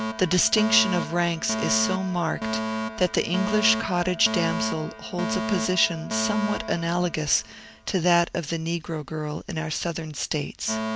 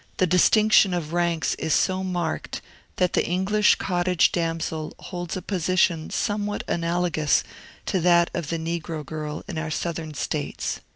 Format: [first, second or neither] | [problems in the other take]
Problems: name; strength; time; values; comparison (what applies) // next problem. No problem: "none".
second | background sound (Alarm); 6 dB below the speech